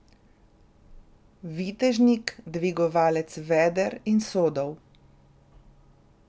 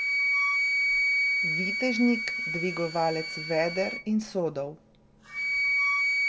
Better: first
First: none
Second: background sound (Wind instrument, woodwind instrument); 3 dB above the speech // room echo; dies away in 0.7 s

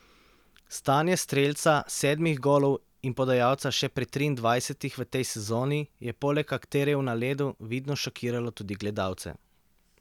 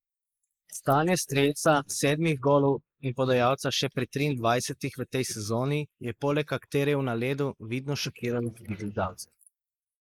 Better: first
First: none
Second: noise reduction (neural mask model Resemble Enhance denoiser)

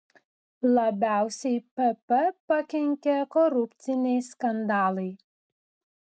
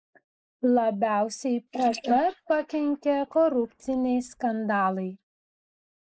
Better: first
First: none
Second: noise reduction (neural mask model Resemble Enhance denoiser)

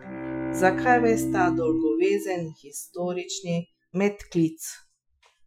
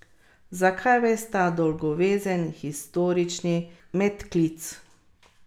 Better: second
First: noise reduction (classical method Wiener filter)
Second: none

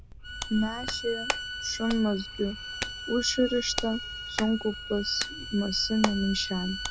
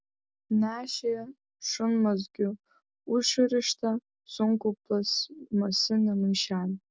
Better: second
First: background sound (Hands + Bowed string instrument); 6 dB below the speech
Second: none

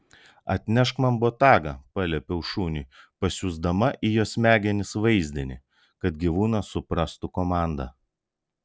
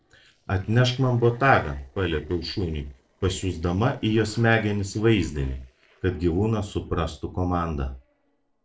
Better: first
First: none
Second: noise reduction (neural separator model SepFormer DNS4)

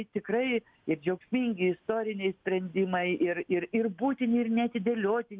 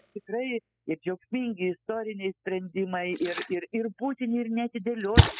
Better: first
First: none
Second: noise reduction (classical method spectral subtraction)

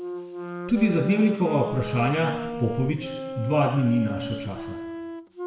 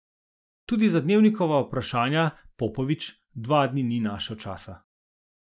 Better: second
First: background sound (Wind instrument, woodwind instrument); 8 dB below the speech // room echo; dies away in 0.9 s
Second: none

